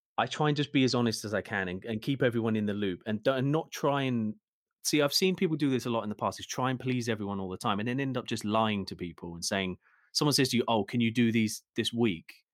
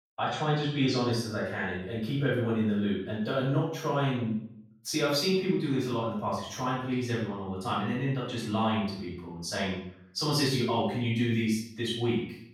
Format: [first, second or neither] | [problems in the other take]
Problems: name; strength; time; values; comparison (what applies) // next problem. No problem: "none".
first | room echo; noticeable; dies away in 0.6 s // off-mic speech; far